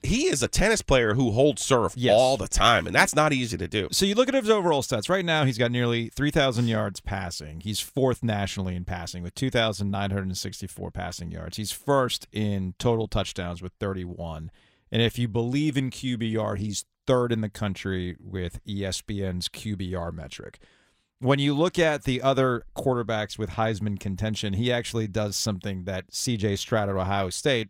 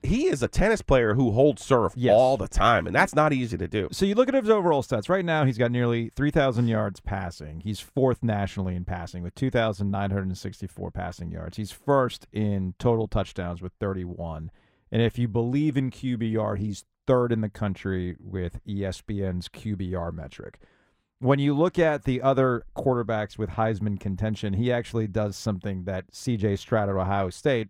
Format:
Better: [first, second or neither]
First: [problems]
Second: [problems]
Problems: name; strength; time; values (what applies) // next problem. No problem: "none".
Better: first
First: none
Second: muffled; slightly; fading above 2.5 kHz